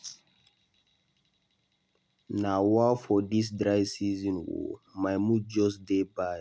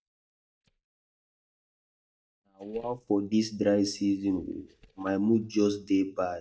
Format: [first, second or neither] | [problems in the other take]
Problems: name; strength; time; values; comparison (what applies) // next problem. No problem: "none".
first | noise reduction (neural mask model DeepFilterNet 3)